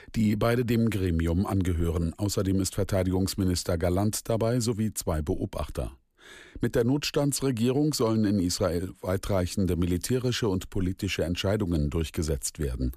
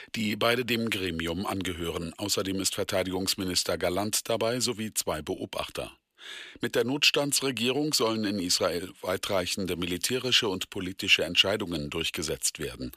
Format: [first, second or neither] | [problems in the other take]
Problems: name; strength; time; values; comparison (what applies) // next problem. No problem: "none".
first | thin; somewhat; fading below 550 Hz